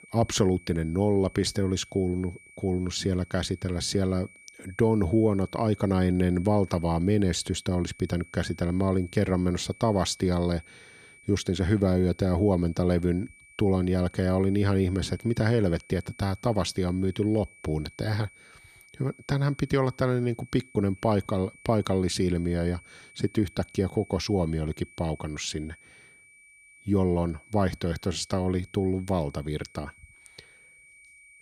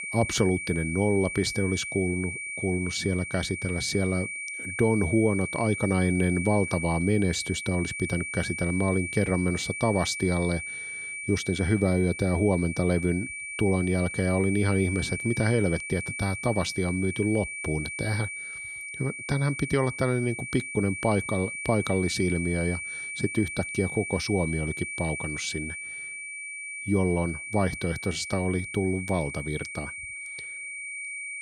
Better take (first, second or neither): first